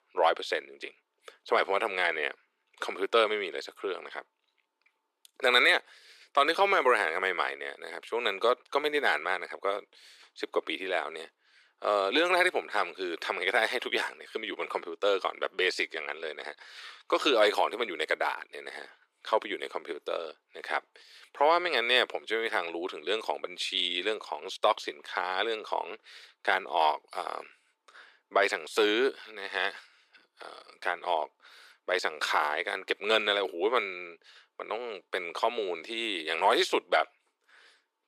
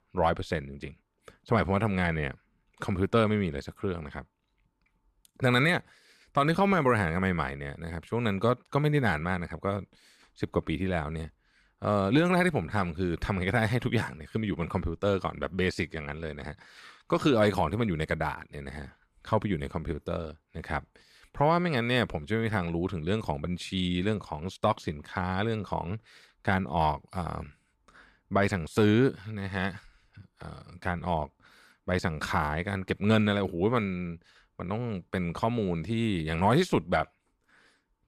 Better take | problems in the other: second | thin; very; fading below 350 Hz

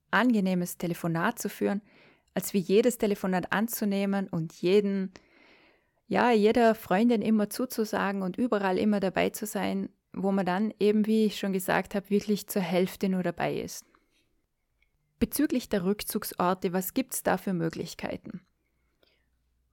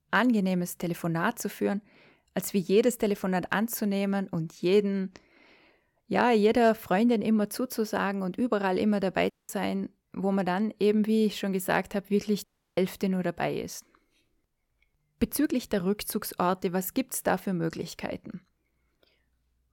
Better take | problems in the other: first | audio cutting out; at 9.5 s and at 12 s

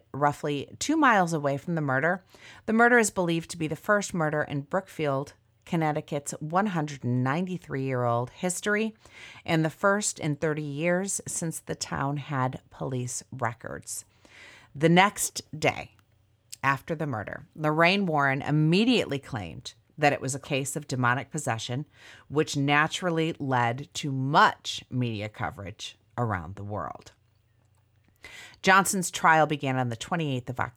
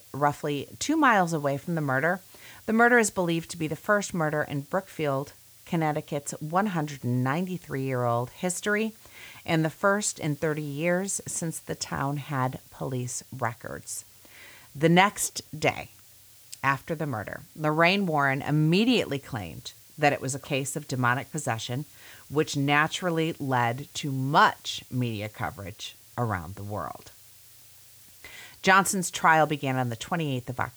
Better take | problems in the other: first | hiss; faint; throughout; 25 dB below the speech

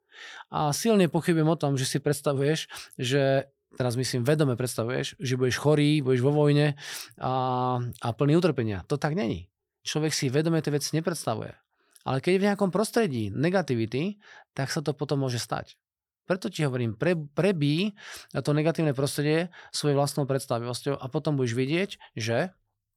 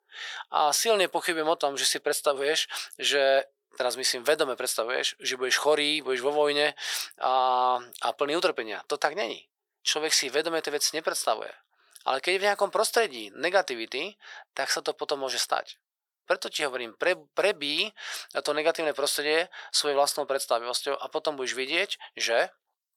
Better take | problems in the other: first | thin; very; fading below 550 Hz

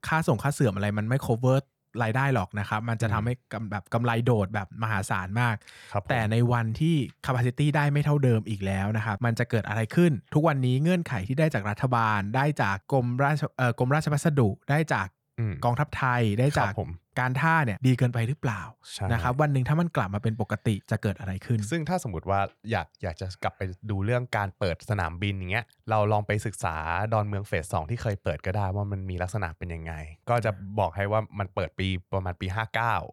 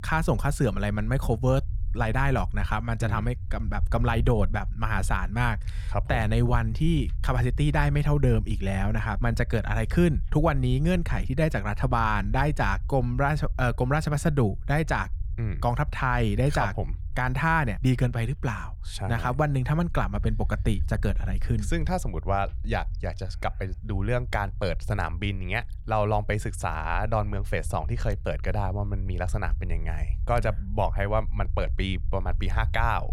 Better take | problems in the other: first | low rumble; faint; throughout; 25 dB below the speech

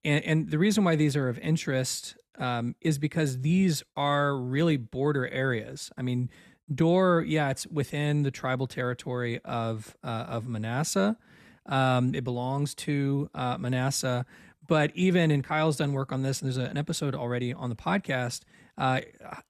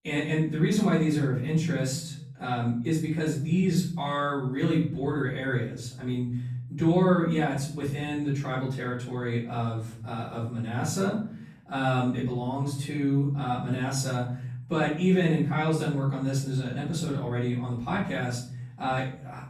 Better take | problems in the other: first | off-mic speech; far // room echo; noticeable; dies away in 0.8 s

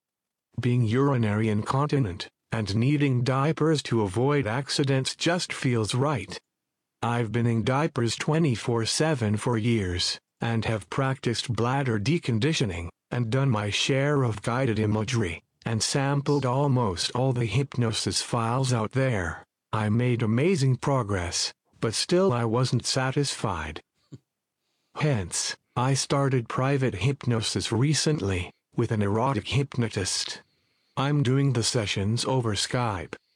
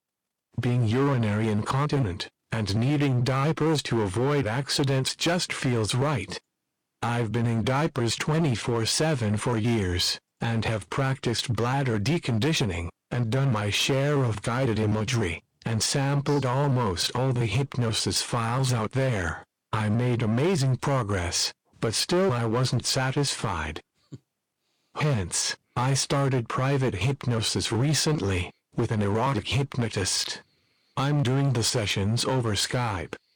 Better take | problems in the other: first | distortion; slight; 12% of the sound clipped

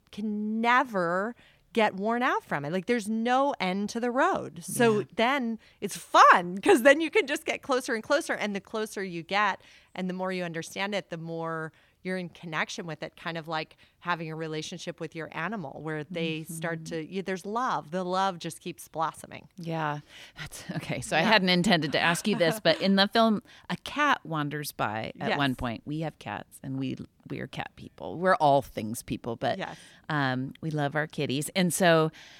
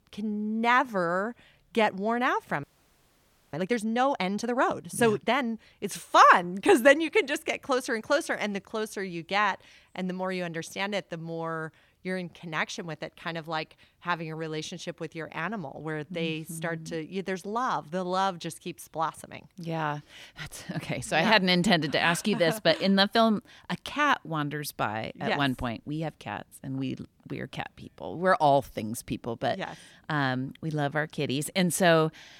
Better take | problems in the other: first | audio freezing; at 2.5 s for 1 s

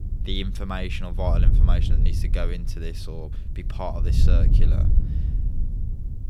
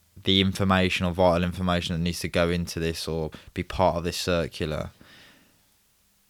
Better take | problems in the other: second | wind noise on the microphone; heavy; 7 dB below the speech

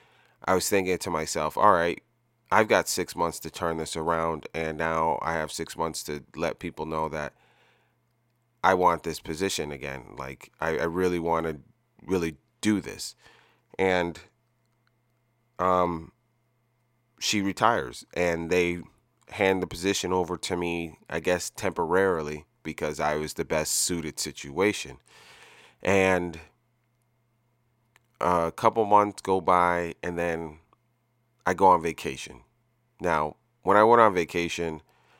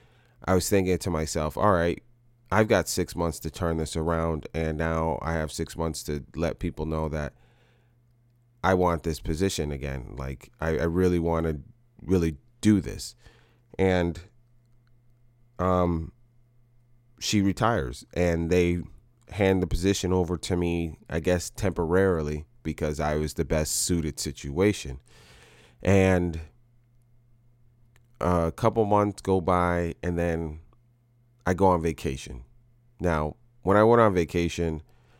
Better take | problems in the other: second | thin; somewhat; fading below 750 Hz

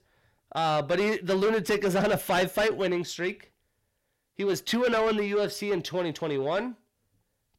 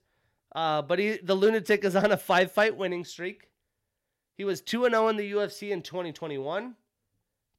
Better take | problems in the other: second | distortion; heavy; 6 dB below the speech

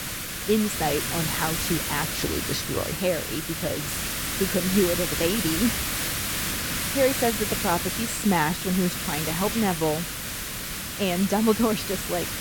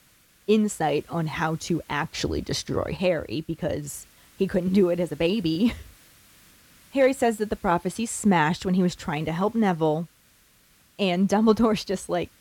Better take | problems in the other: second | hiss; loud; throughout; 1 dB below the speech; faint in the second

